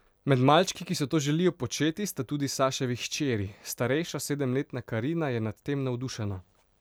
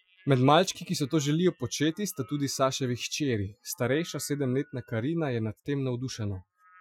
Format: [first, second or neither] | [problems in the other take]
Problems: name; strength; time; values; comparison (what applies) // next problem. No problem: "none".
first | noise reduction (classical method Wiener filter)